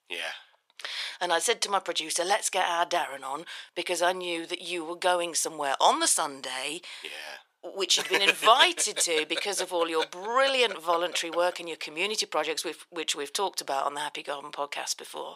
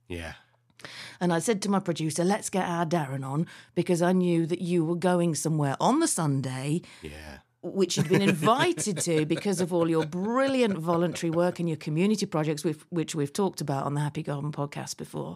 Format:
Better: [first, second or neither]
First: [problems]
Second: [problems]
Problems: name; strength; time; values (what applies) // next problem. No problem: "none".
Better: second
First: thin; very; fading below 550 Hz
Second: none